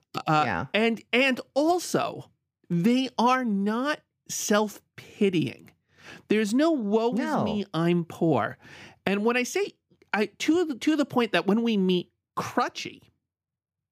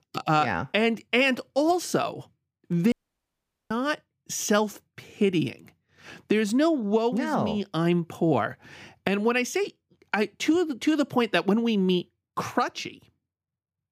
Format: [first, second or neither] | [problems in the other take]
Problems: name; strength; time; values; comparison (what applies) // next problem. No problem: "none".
first | audio cutting out; at 3 s for 1 s